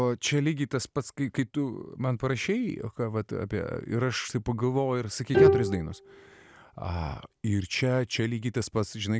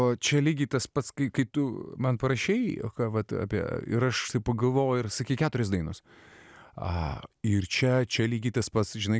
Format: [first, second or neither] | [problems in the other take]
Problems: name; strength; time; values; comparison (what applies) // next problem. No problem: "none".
second | background sound (Bowed string instrument); 1 dB above the speech